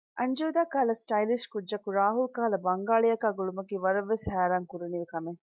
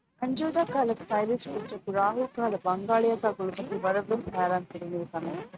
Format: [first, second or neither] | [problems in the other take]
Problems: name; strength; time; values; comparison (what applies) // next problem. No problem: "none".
first | noise reduction (neural mask model RNNoise)